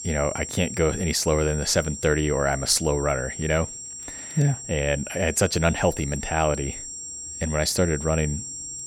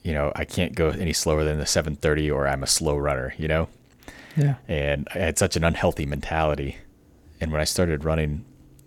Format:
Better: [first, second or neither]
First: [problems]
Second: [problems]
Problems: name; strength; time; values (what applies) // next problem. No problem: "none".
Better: second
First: high-pitched whine; loud; throughout; 7.5 kHz, 9 dB below the speech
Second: none